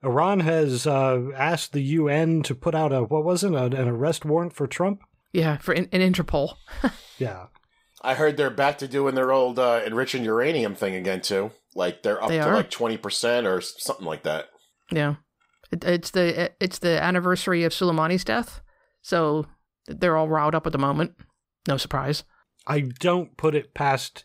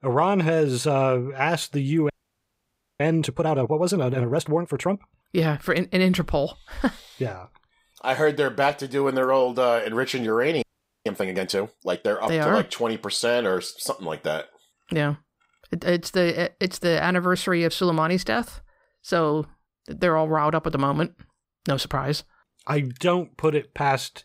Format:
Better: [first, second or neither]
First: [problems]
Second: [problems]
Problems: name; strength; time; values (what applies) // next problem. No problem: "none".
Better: first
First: none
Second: audio freezing; at 2 s for 1 s and at 11 s